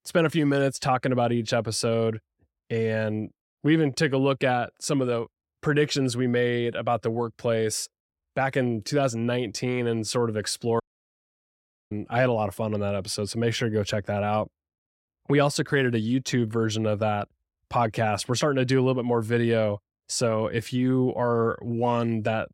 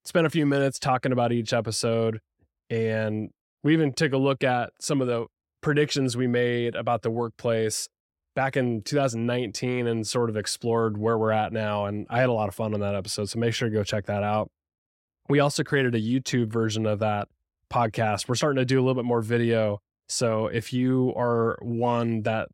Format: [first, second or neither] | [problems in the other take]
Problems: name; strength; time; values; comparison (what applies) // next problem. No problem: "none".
second | audio cutting out; at 11 s for 1 s